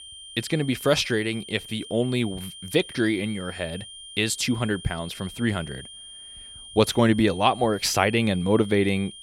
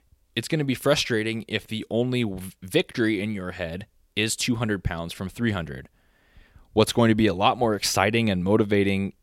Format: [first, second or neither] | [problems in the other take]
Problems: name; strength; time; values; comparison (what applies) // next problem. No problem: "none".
second | high-pitched whine; noticeable; throughout; 3 kHz, 15 dB below the speech